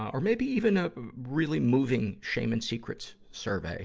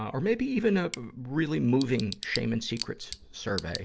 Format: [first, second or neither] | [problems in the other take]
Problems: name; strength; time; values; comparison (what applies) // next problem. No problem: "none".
first | background sound (Tick / Bicycle); 14 dB below the speech